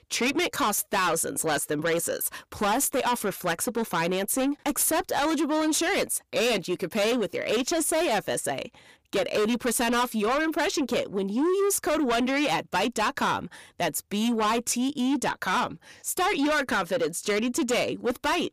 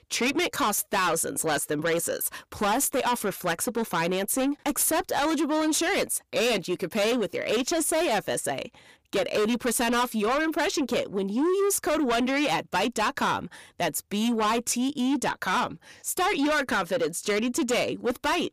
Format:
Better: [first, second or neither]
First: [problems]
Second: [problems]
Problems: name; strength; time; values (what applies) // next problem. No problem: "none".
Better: neither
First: distortion; heavy; 7 dB below the speech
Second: distortion; heavy; 7 dB below the speech